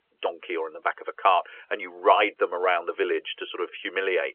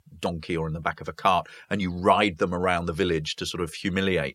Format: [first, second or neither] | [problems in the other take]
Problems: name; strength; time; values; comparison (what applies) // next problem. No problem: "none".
second | phone-call audio; nothing above 3.5 kHz